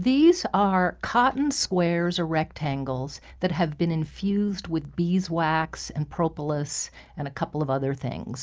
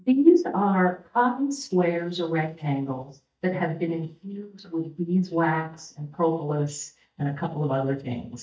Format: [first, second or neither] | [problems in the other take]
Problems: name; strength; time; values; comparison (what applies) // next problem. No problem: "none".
first | noise reduction (neural mask model DeepFilterNet 3)